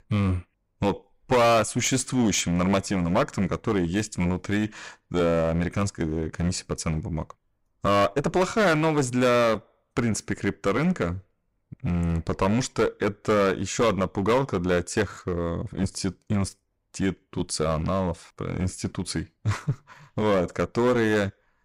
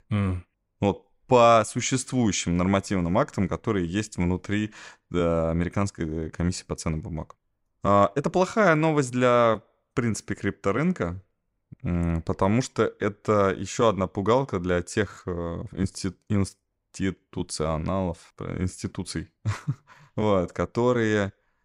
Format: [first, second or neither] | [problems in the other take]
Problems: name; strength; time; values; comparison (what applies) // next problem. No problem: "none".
second | distortion; heavy; 9% of the sound clipped